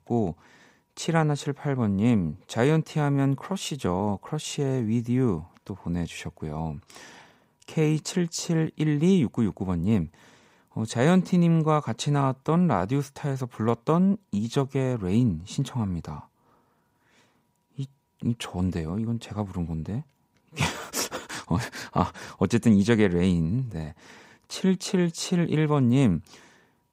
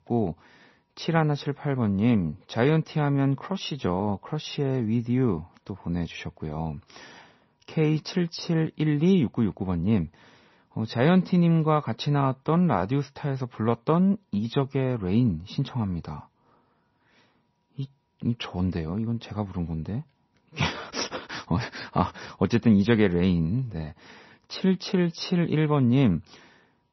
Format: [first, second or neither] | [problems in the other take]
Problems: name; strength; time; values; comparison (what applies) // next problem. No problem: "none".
first | garbled, watery; slightly; nothing above 6 kHz